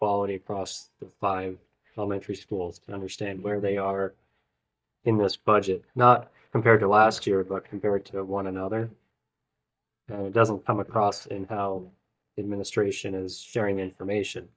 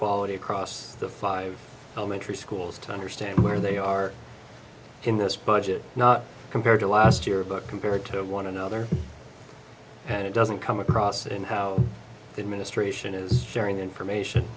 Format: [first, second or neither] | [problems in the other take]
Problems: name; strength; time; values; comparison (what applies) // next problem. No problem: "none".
second | noise reduction (neural mask model DeepFilterNet 3)